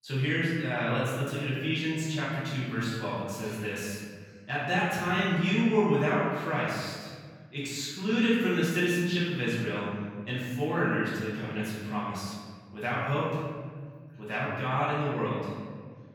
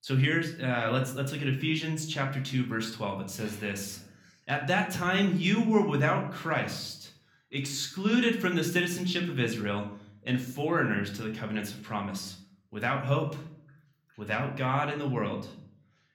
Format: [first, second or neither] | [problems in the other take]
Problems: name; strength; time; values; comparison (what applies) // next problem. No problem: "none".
second | room echo; strong; dies away in 1.7 s; slight in the second // off-mic speech; far; somewhat distant in the second